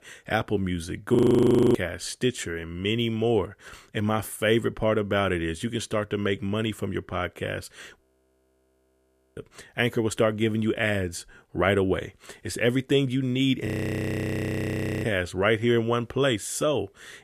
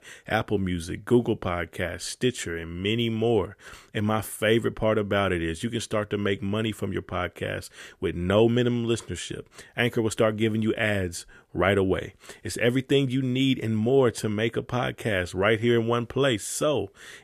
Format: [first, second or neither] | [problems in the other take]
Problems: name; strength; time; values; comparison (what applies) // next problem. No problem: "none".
second | audio freezing; at 1 s for 0.5 s, at 8 s for 1.5 s and at 14 s for 1.5 s